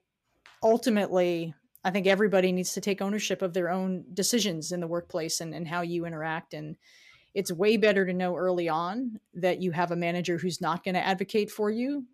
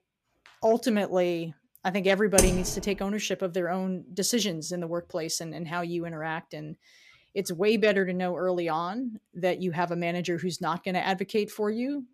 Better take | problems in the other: first | keyboard typing; loud; at 2.5 s; peak 4 dB above the speech

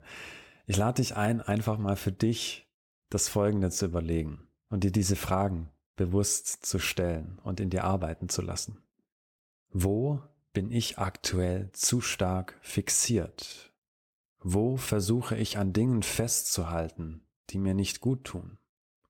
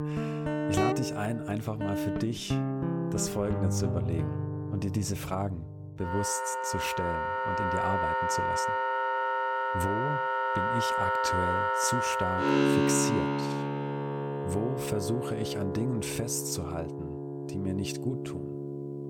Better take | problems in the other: first | background music; very loud; throughout; 3 dB above the speech

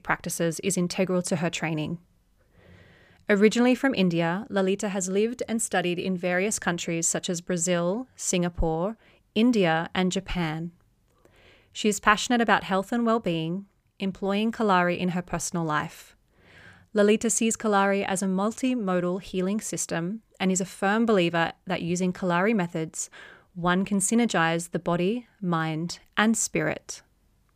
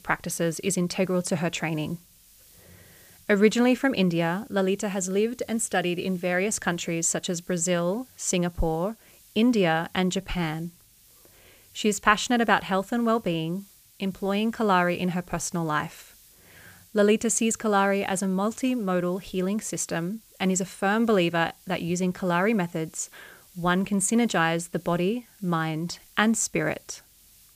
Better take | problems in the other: first | hiss; faint; throughout; 25 dB below the speech

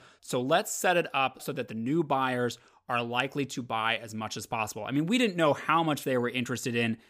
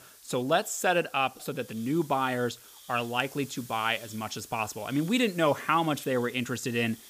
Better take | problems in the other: first | hiss; noticeable; throughout; 20 dB below the speech

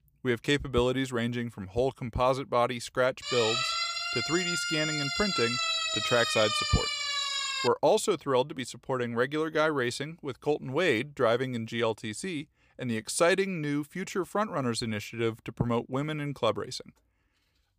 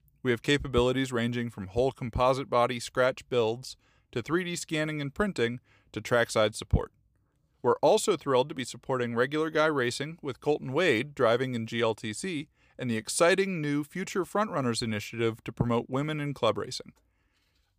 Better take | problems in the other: second | siren; loud; from 3 to 7.5 s; peak 3 dB above the speech

